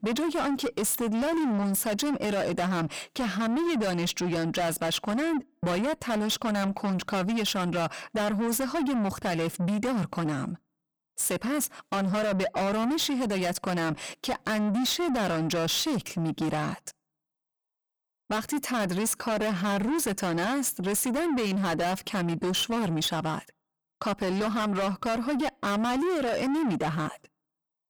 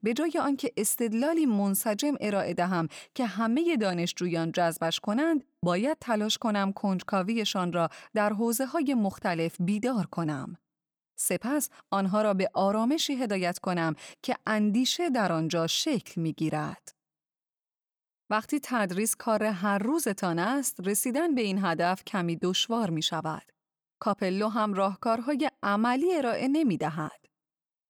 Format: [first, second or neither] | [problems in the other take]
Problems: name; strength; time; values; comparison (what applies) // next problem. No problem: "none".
second | distortion; heavy; 8 dB below the speech